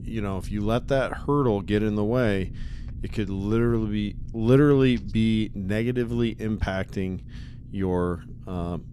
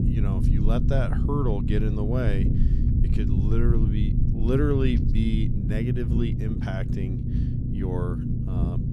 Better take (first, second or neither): first